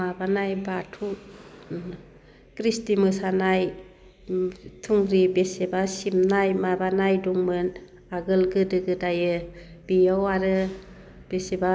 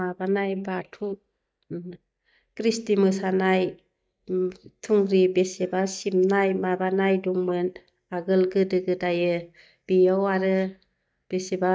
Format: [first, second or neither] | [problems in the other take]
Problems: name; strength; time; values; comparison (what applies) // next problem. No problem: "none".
first | noise reduction (neural mask model DeepFilterNet 3)